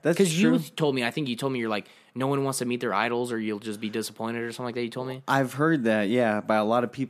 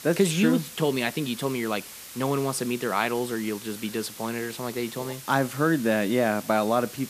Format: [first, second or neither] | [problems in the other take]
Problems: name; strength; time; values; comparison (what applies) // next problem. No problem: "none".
first | hiss; noticeable; throughout; 15 dB below the speech